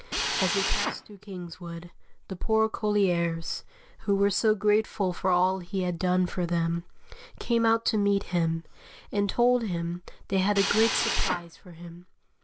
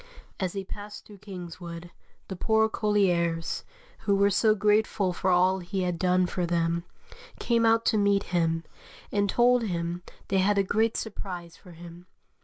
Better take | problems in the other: second | background sound (Drill); 4 dB below the speech

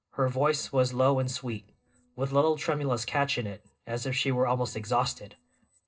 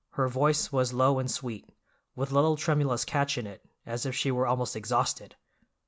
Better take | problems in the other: second | noise reduction (neural separator model SepFormer DNS4)

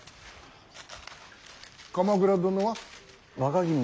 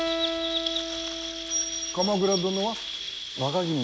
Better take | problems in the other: first | background sound (Acoustic guitar + Chirp, tweet); as loud as the speech

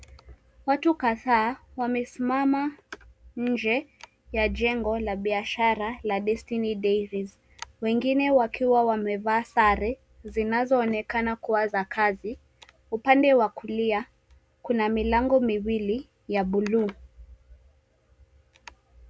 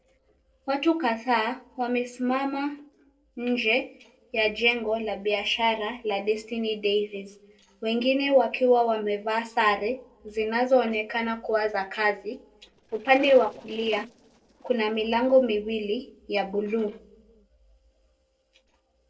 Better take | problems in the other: first | noise reduction (neural separator model SepFormer DNS4)

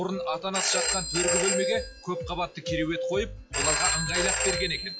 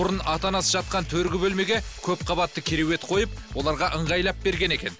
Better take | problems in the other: second | noise reduction (classical method log-MMSE)

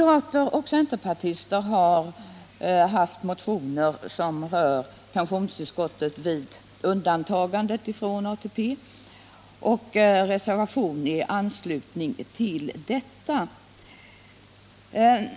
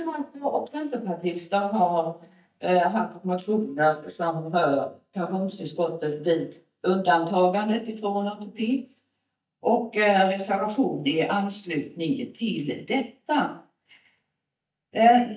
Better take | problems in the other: first | noise reduction (neural mask model DeepFilterNet 3)

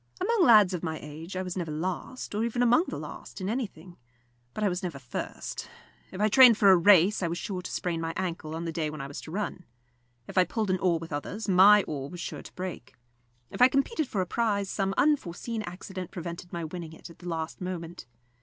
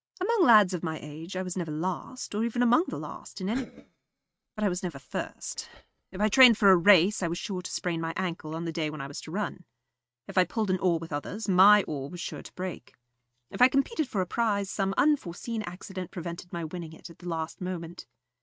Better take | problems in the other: first | noise reduction (neural mask model RNNoise)

